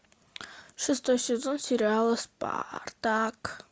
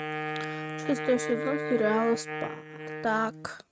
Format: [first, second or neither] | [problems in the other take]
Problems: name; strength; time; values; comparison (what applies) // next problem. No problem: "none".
first | noise reduction (neural mask model RNNoise)